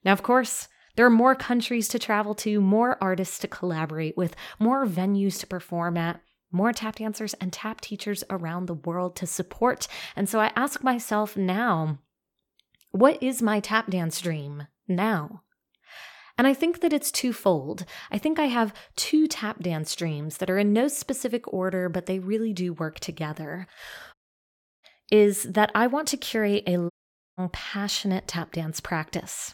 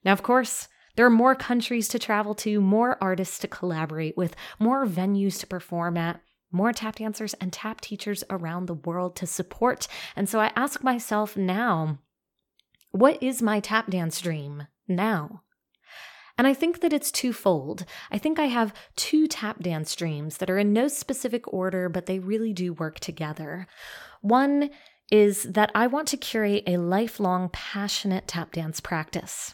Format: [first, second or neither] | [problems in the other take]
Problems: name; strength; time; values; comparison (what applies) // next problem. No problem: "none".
second | audio cutting out; at 24 s for 0.5 s and at 27 s